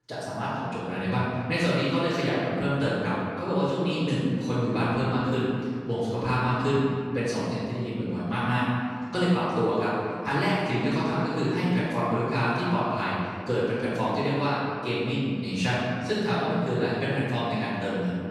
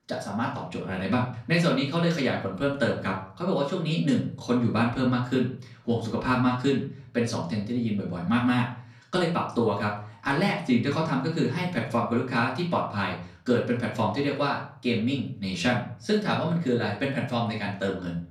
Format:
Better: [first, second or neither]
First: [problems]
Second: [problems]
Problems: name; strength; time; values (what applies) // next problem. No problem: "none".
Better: second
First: room echo; strong; dies away in 2 s // off-mic speech; far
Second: room echo; slight; dies away in 0.4 s // off-mic speech; far